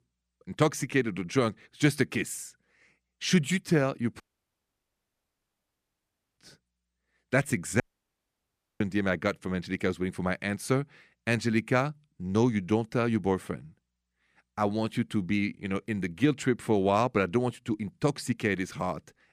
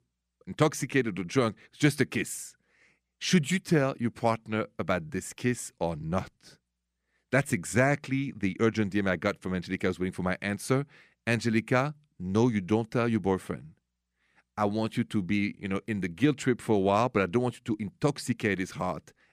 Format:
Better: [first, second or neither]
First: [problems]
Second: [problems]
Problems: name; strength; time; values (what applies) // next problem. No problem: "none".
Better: second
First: audio cutting out; at 4 s for 2 s and at 8 s for 1 s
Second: none